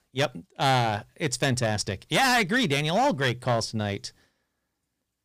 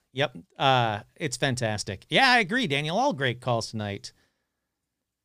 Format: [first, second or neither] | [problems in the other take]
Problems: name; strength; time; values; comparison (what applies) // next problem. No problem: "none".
second | distortion; heavy; 7% of the sound clipped